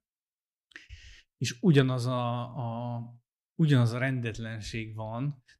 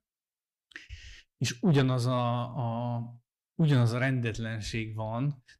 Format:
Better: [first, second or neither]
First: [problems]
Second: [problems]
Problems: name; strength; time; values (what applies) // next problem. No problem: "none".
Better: first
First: none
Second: distortion; slight; 10 dB below the speech